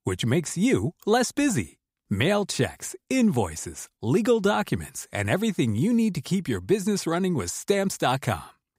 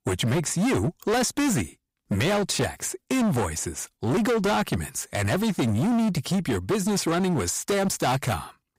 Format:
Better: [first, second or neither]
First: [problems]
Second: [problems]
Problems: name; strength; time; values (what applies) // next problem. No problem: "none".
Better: first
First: none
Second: distortion; heavy; 23% of the sound clipped